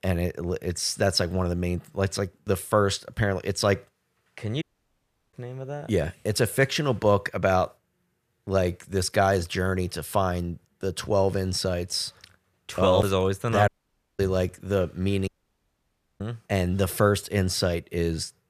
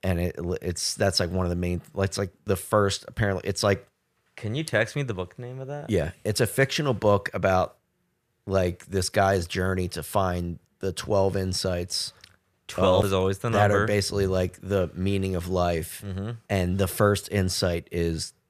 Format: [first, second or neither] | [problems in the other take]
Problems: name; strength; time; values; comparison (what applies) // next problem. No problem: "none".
second | audio cutting out; at 4.5 s for 0.5 s, at 14 s for 0.5 s and at 15 s for 1 s